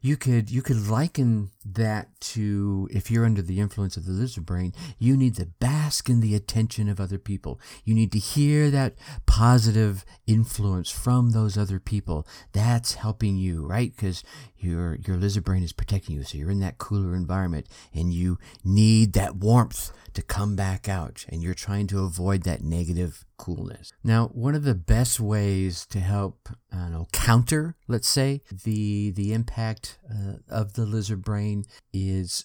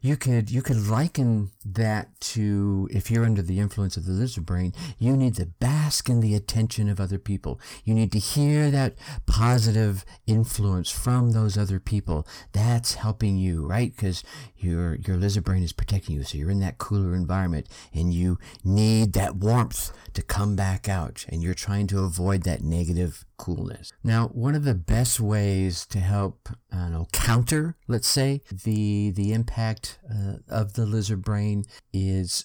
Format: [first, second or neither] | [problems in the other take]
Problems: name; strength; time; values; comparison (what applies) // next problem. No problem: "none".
first | distortion; slight; 10 dB below the speech